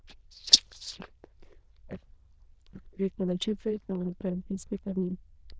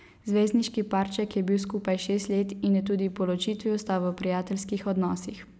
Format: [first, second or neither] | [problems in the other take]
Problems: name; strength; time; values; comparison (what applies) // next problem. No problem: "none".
second | noise reduction (neural diffusion model UNIVERSE++)